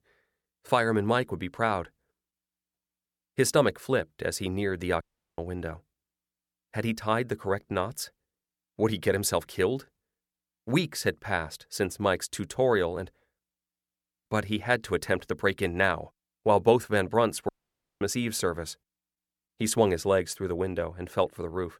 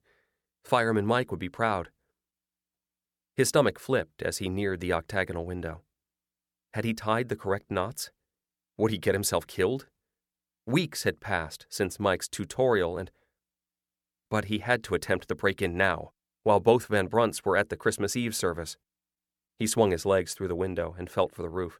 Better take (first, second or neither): second